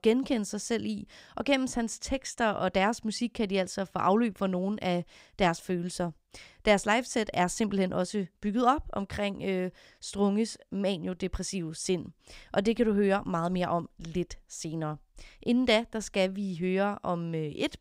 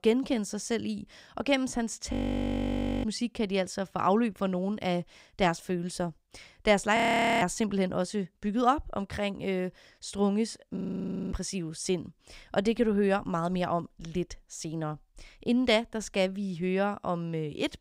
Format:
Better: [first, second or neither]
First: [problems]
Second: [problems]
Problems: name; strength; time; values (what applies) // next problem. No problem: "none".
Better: first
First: none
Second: audio freezing; at 2 s for 1 s, at 7 s and at 11 s for 0.5 s